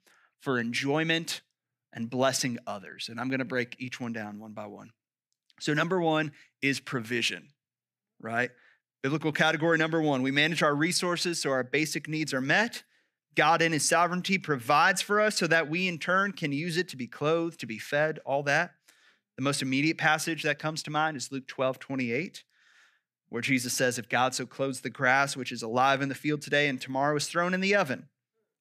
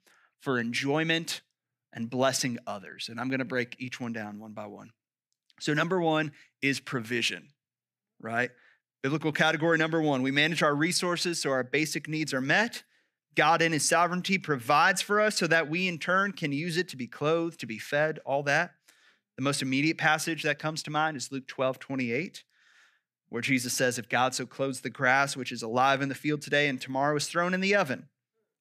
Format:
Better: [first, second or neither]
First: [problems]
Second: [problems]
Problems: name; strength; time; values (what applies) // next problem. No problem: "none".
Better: neither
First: none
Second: none